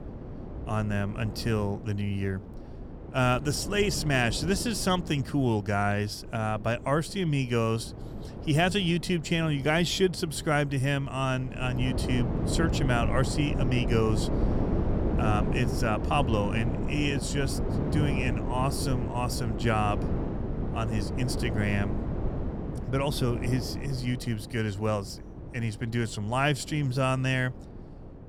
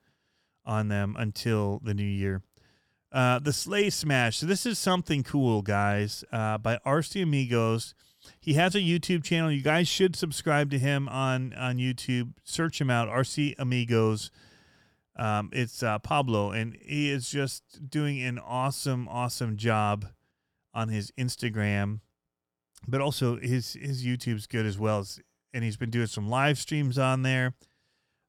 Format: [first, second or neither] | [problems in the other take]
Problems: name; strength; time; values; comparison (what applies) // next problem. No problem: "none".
second | wind noise on the microphone; heavy; 9 dB below the speech